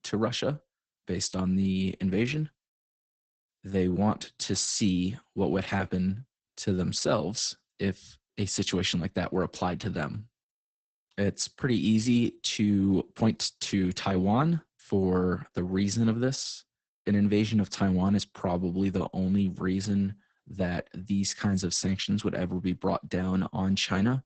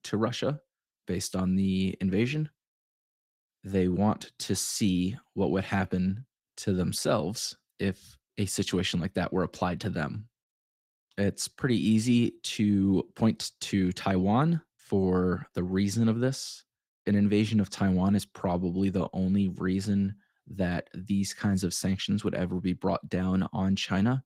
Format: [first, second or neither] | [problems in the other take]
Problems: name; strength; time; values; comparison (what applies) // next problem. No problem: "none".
second | garbled, watery; badly; nothing above 8 kHz; slightly in the second